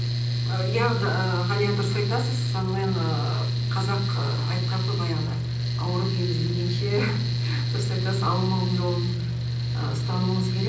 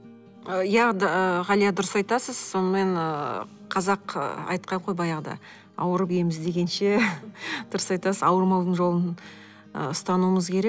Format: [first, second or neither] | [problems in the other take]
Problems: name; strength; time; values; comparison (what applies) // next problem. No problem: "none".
second | background sound (Mechanical fan); 5 dB above the speech // room echo; dies away in 0.6 s